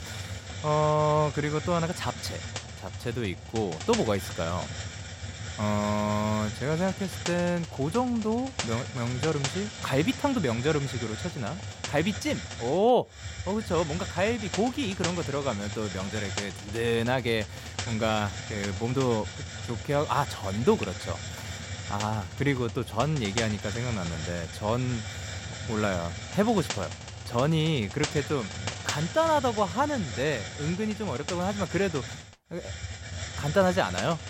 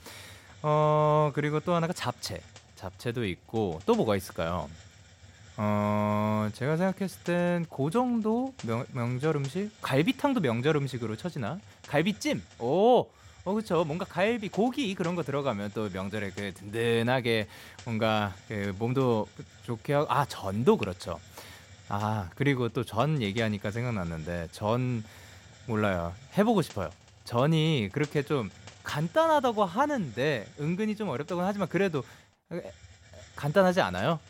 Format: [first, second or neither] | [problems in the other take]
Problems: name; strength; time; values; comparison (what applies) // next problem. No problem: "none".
second | hiss; loud; throughout; 8 dB below the speech; faint in the second